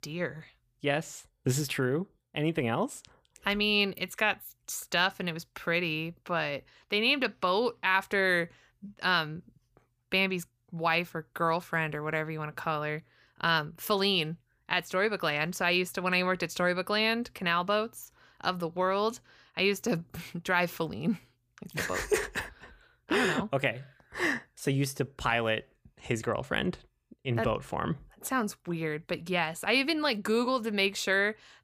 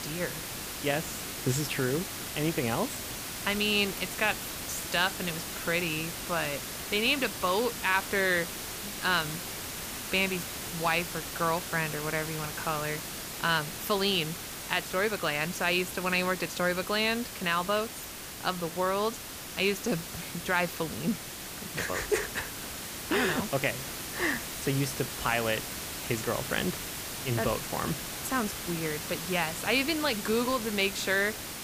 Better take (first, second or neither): first